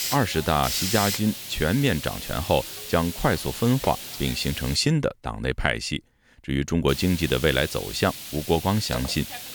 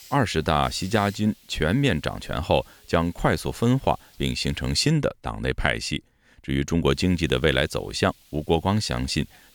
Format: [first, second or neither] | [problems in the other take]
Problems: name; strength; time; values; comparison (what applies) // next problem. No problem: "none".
second | hiss; loud; until 5 s and from 7 s on; 7 dB below the speech; faint in the second